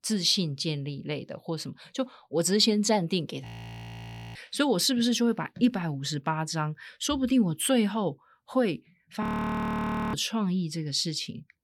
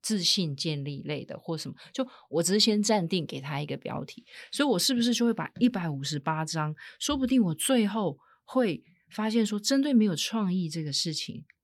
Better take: second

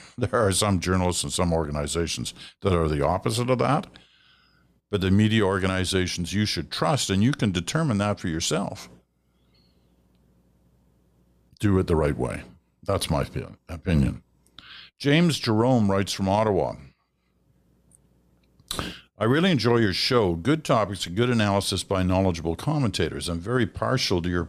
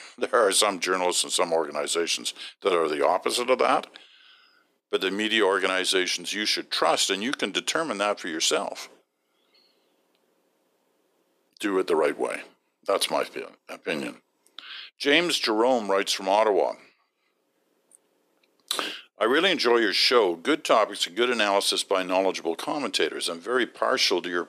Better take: first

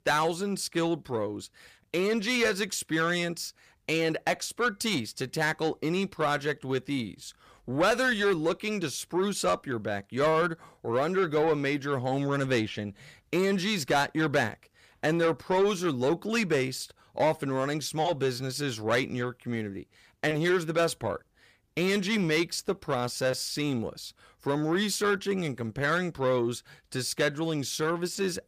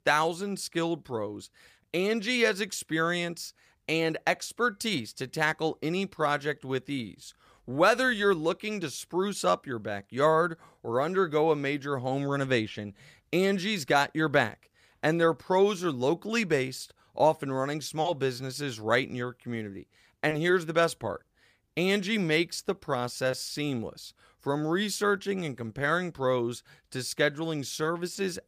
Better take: second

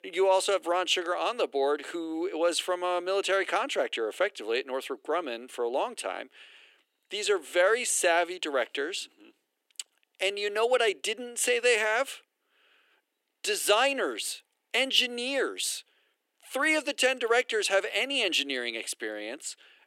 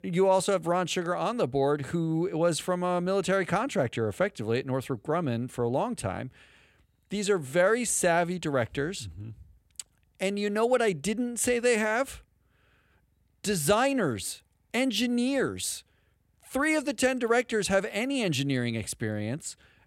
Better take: second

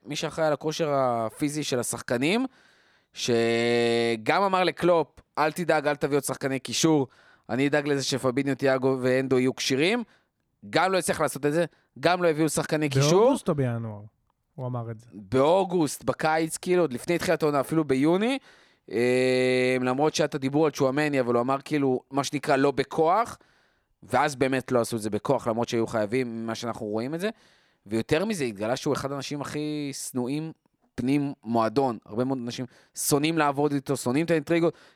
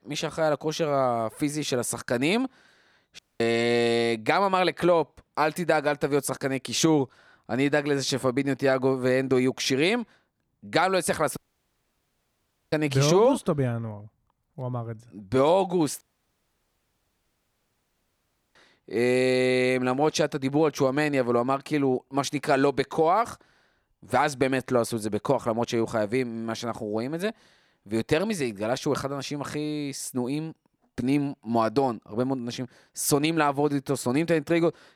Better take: first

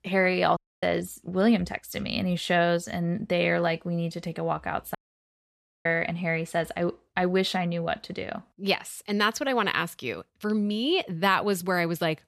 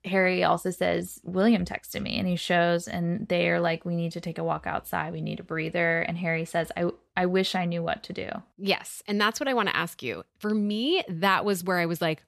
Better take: second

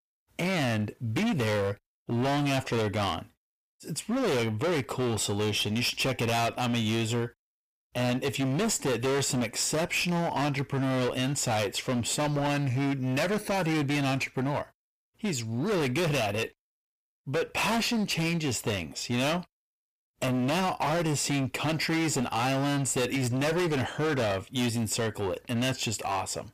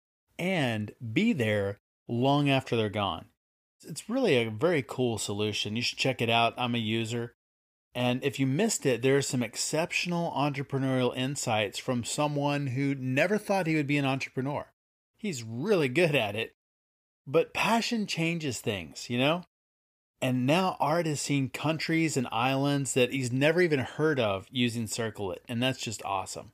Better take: second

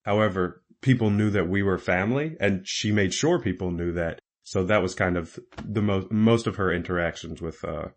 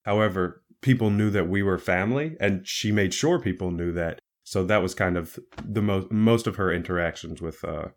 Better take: second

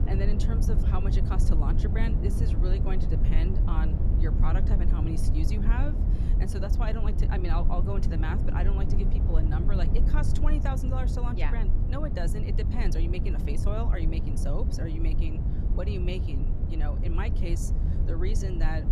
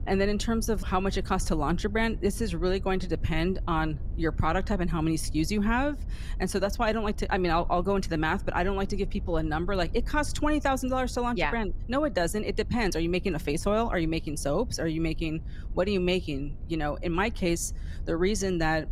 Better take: second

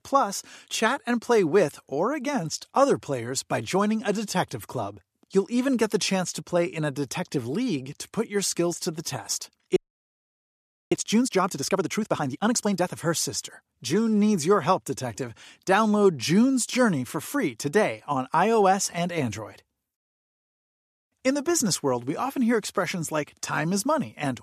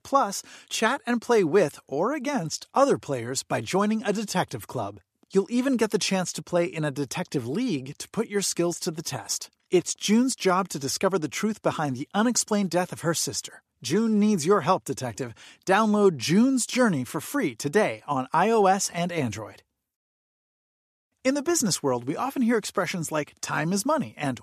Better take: second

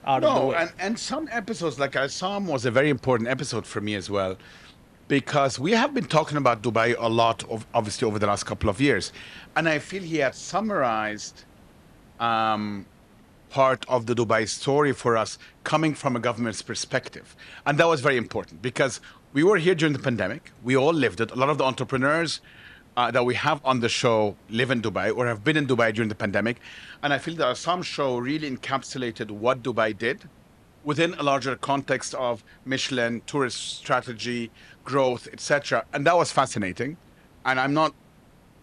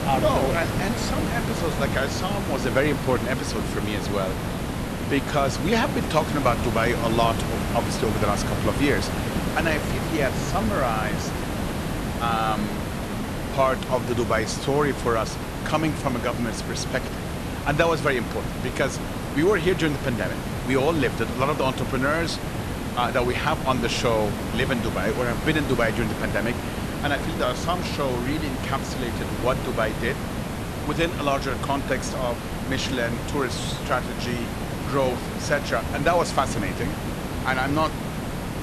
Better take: first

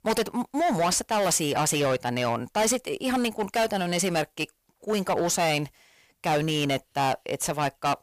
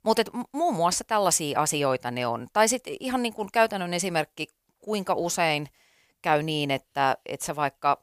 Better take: second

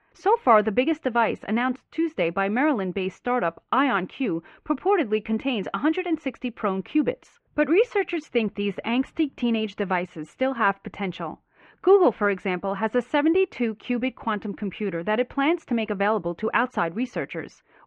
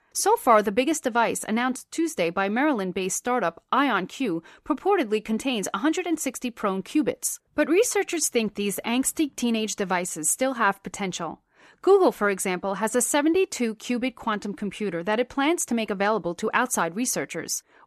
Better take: second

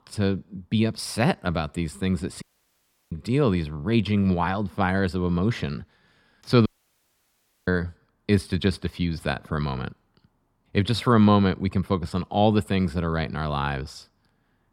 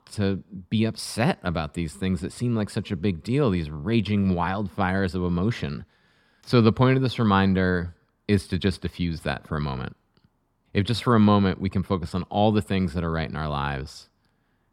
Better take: second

